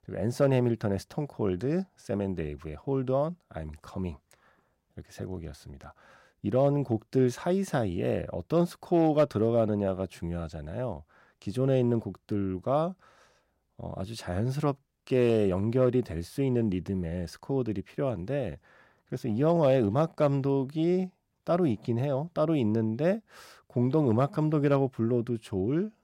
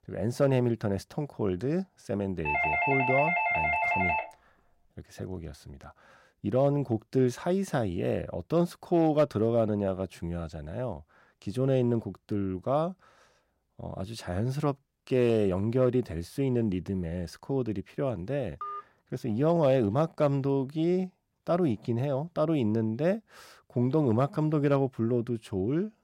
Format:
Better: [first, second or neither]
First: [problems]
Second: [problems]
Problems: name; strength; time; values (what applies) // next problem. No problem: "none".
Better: first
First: none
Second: doorbell; loud; from 2.5 to 4.5 s; peak 3 dB above the speech // phone ringing; noticeable; at 19 s; peak 10 dB below the speech